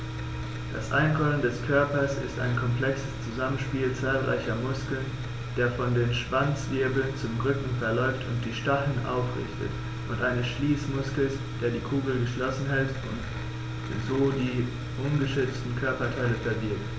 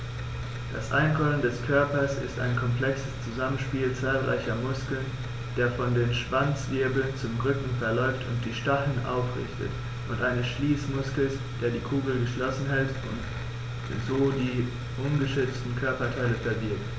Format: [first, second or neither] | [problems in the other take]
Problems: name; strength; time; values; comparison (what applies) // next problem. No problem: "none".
second | background sound (Wind instrument, woodwind instrument); 18 dB below the speech